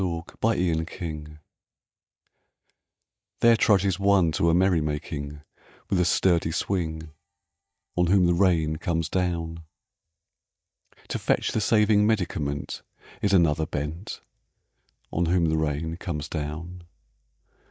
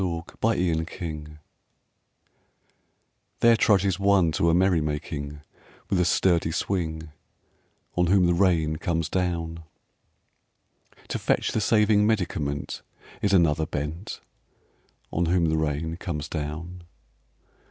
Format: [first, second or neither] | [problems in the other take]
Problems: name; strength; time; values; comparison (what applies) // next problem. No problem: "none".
second | noise reduction (neural mask model DeepFilterNet 3)